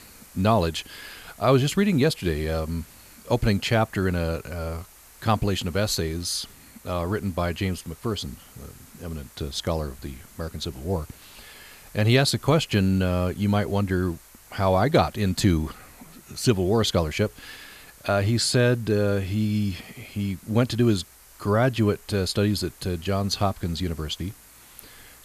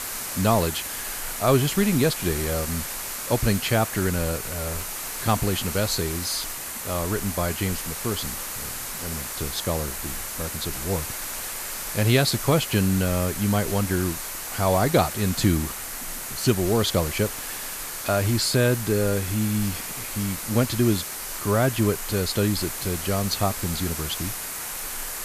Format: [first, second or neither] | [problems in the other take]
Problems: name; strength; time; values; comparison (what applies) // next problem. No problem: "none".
first | hiss; loud; throughout; 5 dB below the speech; faint in the first